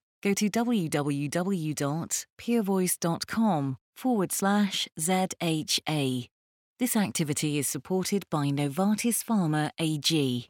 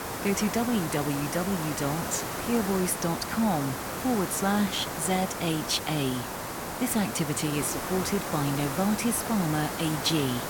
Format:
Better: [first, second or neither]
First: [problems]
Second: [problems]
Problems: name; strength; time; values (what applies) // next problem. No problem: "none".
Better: first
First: none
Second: hiss; loud; throughout; 4 dB below the speech